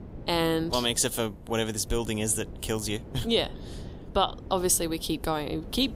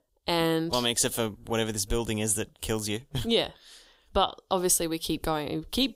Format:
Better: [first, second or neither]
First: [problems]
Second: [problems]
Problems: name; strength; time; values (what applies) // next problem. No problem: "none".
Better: second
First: wind noise on the microphone; occasional gusts; 20 dB below the speech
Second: none